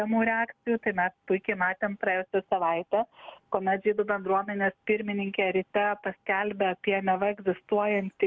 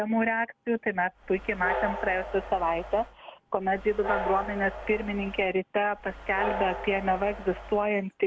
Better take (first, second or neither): first